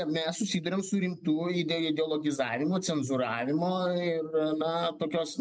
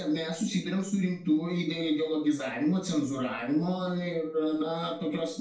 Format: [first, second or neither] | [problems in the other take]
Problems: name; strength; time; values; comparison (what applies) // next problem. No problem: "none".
first | room echo; dies away in 0.4 s